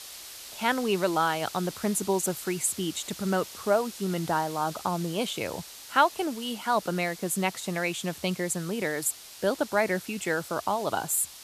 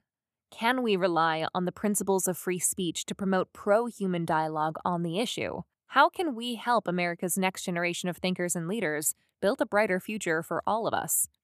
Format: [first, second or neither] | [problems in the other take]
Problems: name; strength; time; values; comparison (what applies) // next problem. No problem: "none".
second | hiss; noticeable; throughout; 15 dB below the speech